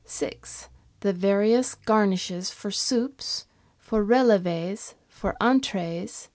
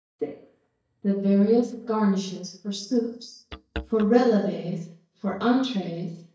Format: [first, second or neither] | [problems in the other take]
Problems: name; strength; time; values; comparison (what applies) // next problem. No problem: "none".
first | noise reduction (neural mask model DeepFilterNet 3)